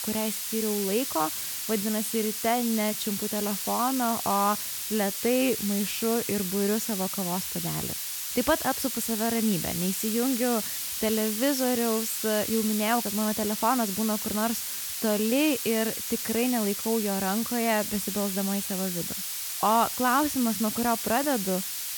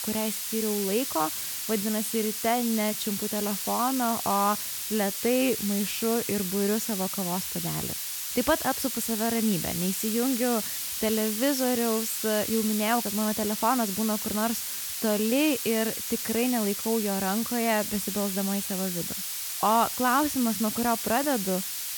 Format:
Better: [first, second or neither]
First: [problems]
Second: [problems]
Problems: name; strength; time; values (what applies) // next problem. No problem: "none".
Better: neither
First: hiss; loud; throughout; 2 dB below the speech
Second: hiss; loud; throughout; 2 dB below the speech